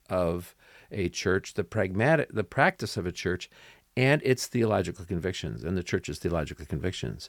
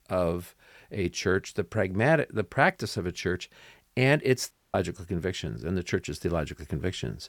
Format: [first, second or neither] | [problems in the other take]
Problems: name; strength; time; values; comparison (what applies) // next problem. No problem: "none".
first | audio cutting out; at 4.5 s